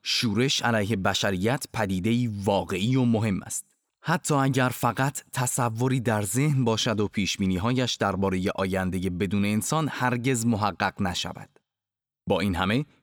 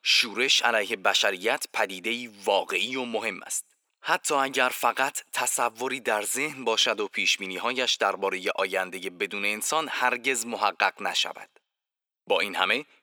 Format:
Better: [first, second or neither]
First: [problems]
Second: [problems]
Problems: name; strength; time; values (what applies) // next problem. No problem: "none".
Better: first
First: none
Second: thin; very; fading below 400 Hz